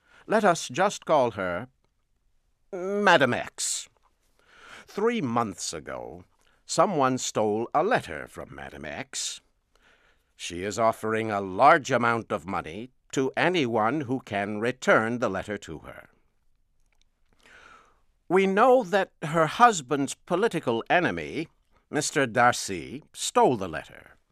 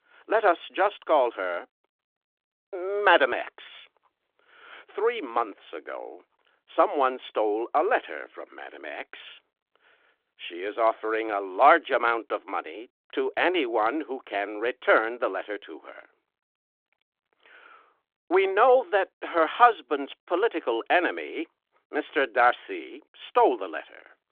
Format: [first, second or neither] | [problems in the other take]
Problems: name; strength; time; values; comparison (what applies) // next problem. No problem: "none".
first | phone-call audio; nothing above 3.5 kHz